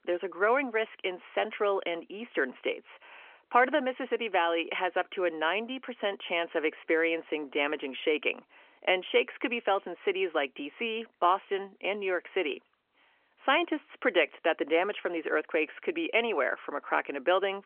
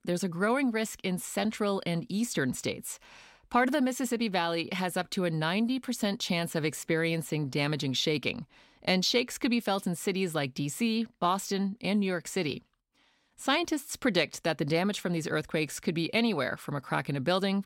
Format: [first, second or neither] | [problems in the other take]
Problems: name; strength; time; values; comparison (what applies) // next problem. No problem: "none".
second | phone-call audio; nothing above 3 kHz